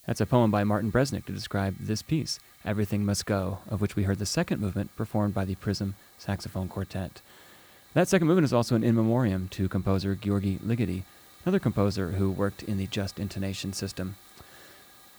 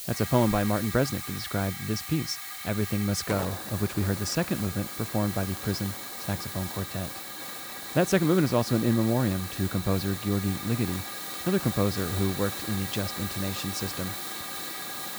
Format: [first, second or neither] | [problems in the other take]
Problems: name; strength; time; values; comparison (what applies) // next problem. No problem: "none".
first | hiss; loud; throughout; 6 dB below the speech; faint in the first